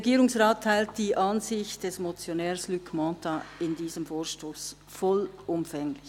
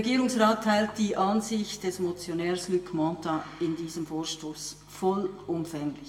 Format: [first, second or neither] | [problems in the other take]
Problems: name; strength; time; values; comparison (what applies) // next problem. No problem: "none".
first | room echo; dies away in 0.6 s